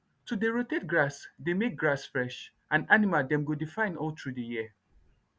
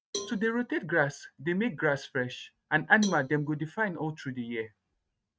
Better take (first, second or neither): first